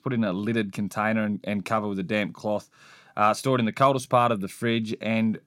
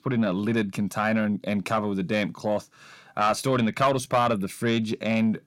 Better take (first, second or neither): first